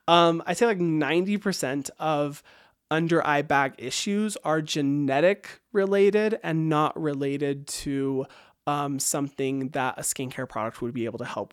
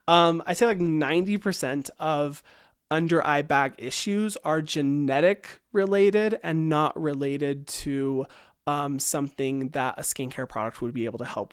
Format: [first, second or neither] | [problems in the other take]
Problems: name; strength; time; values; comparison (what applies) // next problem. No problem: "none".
first | garbled, watery; slightly; nothing above 18.5 kHz